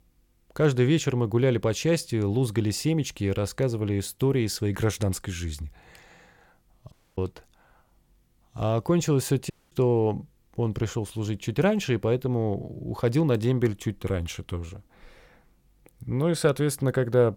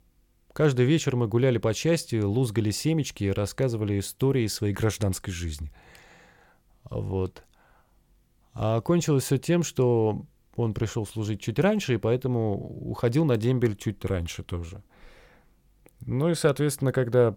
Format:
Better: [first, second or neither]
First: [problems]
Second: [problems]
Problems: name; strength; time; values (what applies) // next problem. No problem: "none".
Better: second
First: audio cutting out; at 7 s and at 9.5 s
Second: none